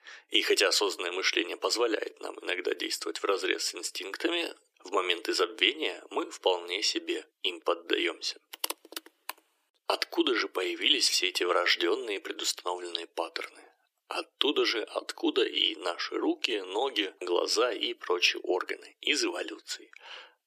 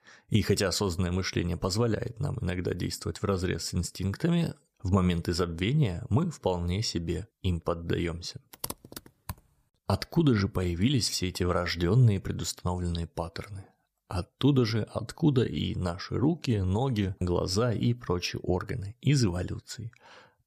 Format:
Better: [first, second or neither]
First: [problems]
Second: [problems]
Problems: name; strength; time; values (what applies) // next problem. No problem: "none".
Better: second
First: thin; very; fading below 300 Hz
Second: none